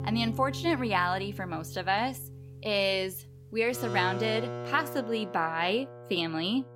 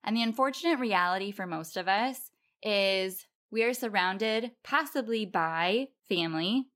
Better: second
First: background music; noticeable; throughout; 10 dB below the speech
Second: none

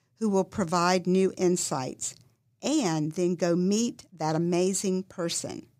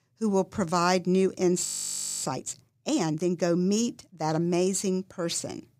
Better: first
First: none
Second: audio freezing; at 1.5 s for 0.5 s

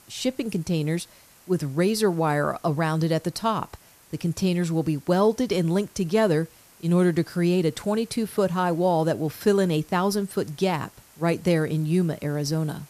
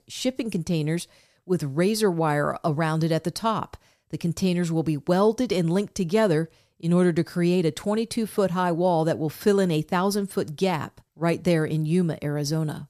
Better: second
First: hiss; faint; throughout; 25 dB below the speech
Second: none

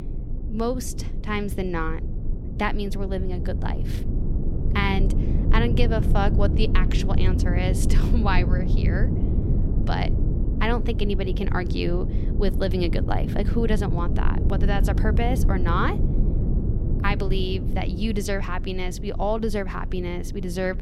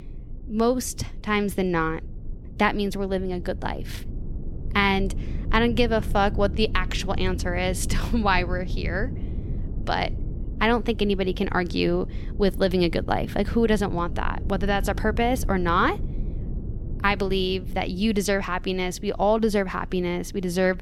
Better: second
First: low rumble; loud; throughout; 8 dB below the speech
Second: low rumble; faint; throughout; 20 dB below the speech

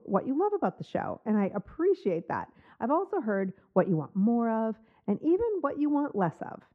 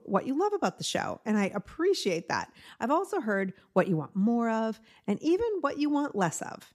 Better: second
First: muffled; very; fading above 3.5 kHz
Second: none

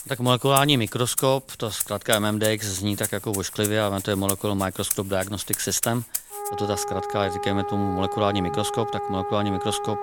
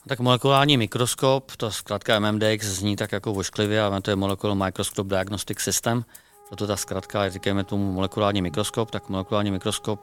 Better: second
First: background music; loud; throughout; 5 dB below the speech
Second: background music; faint; throughout; 25 dB below the speech

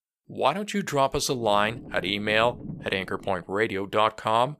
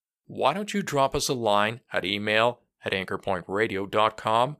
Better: second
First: low rumble; faint; from 1.5 to 3.5 s; 25 dB below the speech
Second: none

